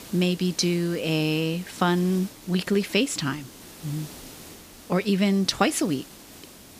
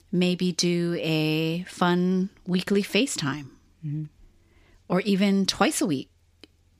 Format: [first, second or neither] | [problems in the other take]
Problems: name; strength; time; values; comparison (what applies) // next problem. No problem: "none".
second | hiss; noticeable; throughout; 20 dB below the speech